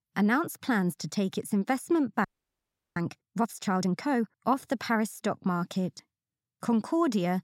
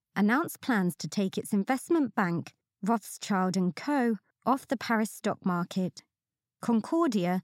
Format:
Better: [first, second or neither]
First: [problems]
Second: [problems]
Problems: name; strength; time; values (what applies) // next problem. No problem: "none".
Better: second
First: audio freezing; at 2.5 s for 0.5 s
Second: none